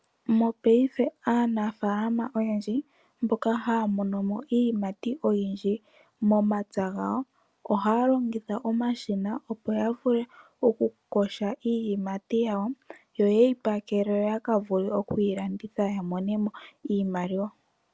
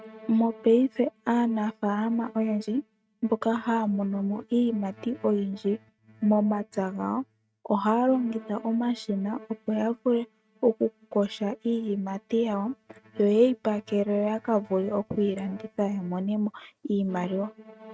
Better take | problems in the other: first | noise reduction (neural mask model RNNoise)

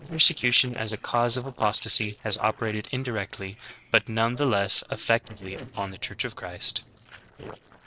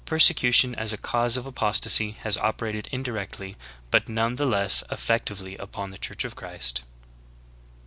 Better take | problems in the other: second | noise reduction (neural separator model SepFormer DNS4)

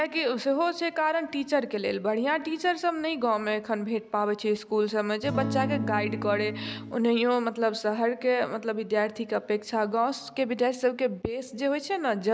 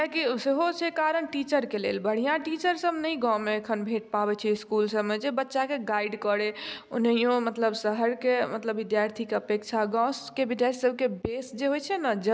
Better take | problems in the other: second | background sound (Acoustic guitar / Strum); 5 dB below the speech

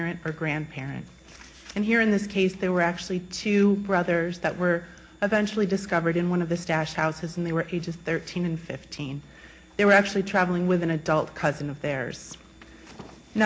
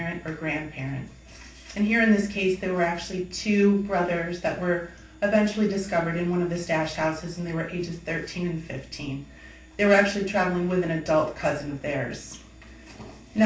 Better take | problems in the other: first | room echo; dies away in 0.3 s

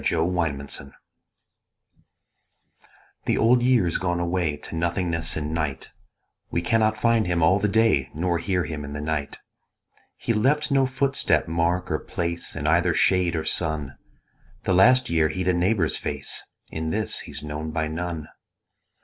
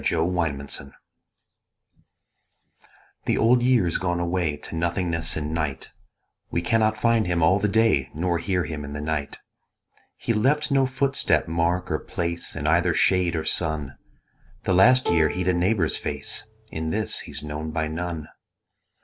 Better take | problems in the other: first | background sound (Plucked string instrument); 9 dB below the speech

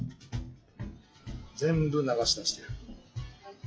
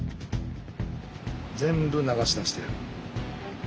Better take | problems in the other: second | noise reduction (classical method log-MMSE)

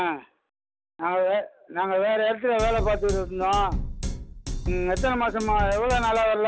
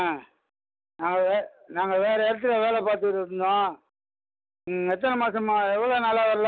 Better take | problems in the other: second | background sound (Drum kit); 5 dB below the speech

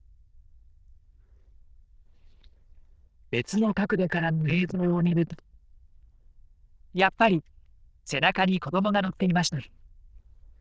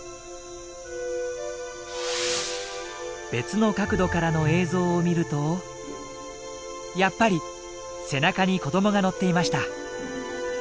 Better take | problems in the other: second | noise reduction (neural diffusion model UNIVERSE++)

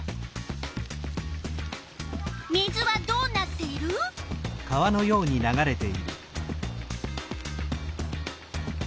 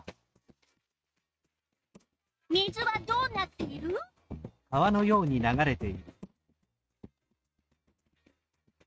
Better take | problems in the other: first | noise reduction (neural mask model RNNoise)

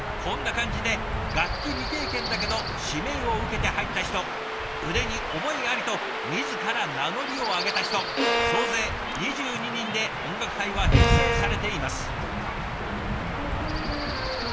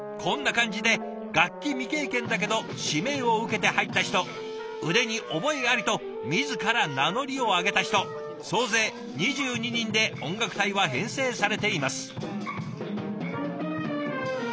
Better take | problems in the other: second | background sound (Stream / Chirp, tweet / Wind + Bowed string instrument); 3 dB above the speech

